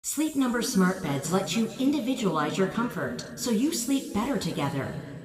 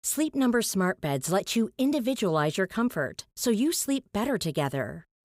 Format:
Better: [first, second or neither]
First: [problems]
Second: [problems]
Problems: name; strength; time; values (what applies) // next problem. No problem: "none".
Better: second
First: room echo; slight; dies away in 2.1 s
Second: none